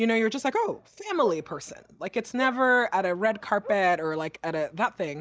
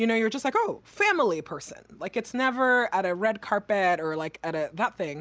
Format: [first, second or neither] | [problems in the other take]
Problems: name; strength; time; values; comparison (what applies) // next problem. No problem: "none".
second | noise reduction (neural mask model DeepFilterNet 3)